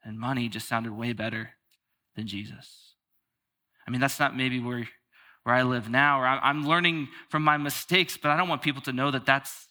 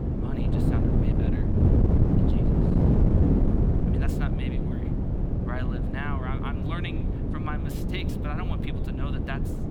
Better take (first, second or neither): first